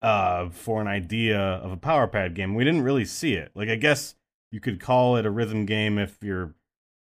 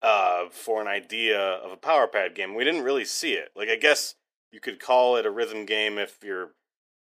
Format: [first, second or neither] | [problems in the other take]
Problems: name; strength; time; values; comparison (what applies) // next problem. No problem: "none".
first | thin; very; fading below 400 Hz